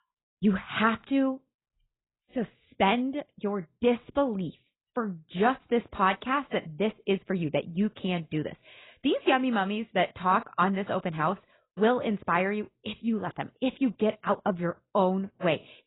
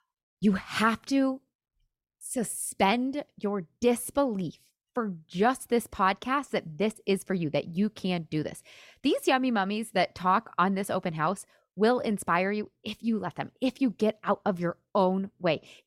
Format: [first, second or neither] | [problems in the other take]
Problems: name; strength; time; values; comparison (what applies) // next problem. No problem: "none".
second | garbled, watery; badly; nothing above 4 kHz